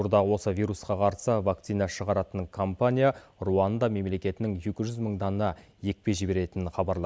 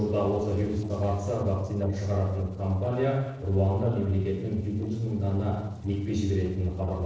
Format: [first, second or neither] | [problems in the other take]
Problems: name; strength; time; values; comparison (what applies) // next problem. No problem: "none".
first | noise reduction (neural separator model SepFormer DNS4)